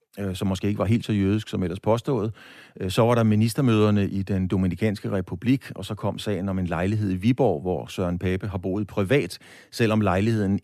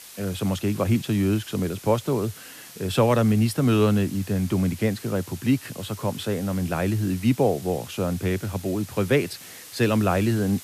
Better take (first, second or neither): first